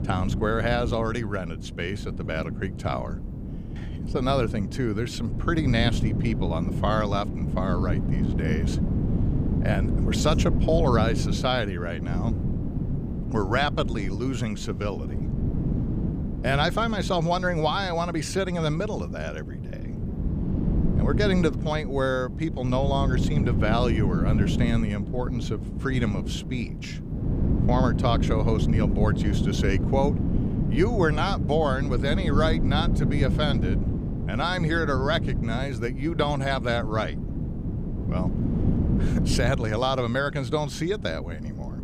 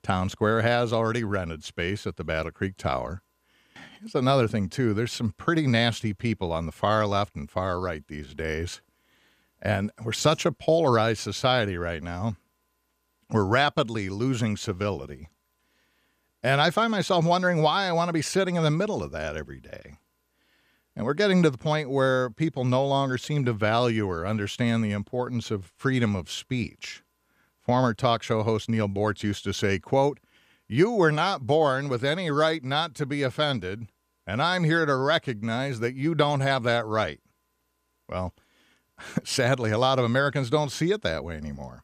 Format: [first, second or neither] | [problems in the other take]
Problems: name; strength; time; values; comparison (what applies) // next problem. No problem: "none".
second | wind noise on the microphone; heavy; 9 dB below the speech